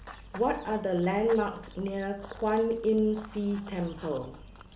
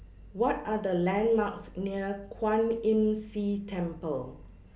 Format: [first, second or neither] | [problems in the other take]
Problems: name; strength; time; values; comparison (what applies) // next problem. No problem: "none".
second | background sound (Run / Bird vocalization, bird call, bird song); 19 dB below the speech